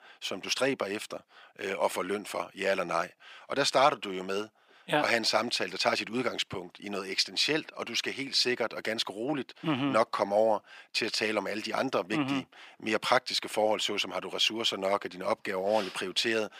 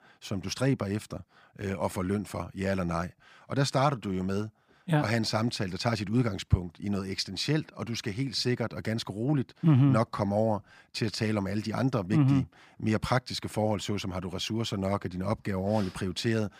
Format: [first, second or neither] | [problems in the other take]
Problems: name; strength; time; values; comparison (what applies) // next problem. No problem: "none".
second | thin; somewhat; fading below 450 Hz